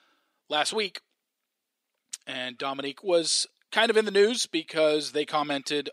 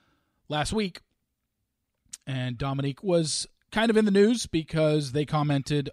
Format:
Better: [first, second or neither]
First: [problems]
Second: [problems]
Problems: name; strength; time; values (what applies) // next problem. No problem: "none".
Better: second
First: thin; somewhat; fading below 350 Hz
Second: none